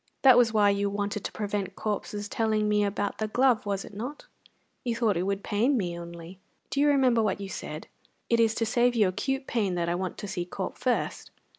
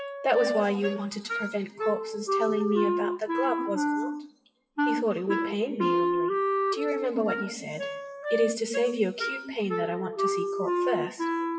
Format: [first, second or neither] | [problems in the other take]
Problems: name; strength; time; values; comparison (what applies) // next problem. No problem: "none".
first | noise reduction (classical method WPE with log-MMSE)